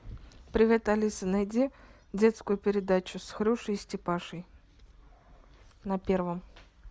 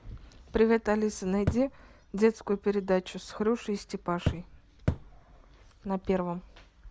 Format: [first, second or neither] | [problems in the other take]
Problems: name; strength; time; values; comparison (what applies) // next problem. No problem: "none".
first | background sound (Thump, thud); 3 dB below the speech